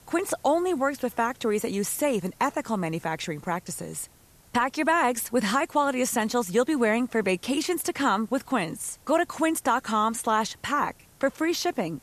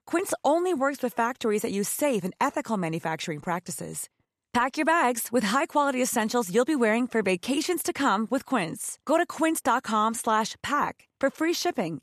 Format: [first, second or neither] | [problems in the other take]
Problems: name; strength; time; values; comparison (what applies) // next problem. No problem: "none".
second | hiss; faint; throughout; 30 dB below the speech